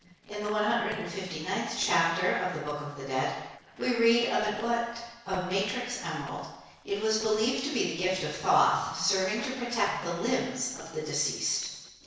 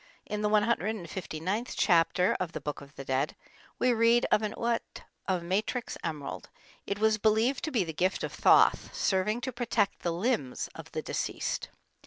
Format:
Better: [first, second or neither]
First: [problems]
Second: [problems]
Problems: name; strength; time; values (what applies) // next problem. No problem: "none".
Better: second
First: noise reduction (neural separator model SepFormer DNS4)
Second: none